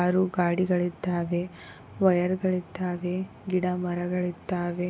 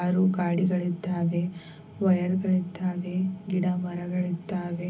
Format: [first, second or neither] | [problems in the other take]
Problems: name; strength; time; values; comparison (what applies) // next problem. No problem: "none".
first | room echo; dies away in 0.4 s